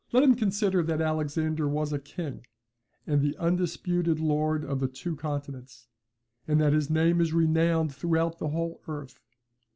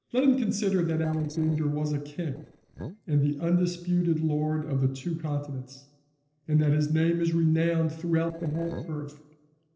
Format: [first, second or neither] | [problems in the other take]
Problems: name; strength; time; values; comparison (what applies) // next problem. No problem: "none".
first | noise reduction (neural separator model SepFormer DNS4)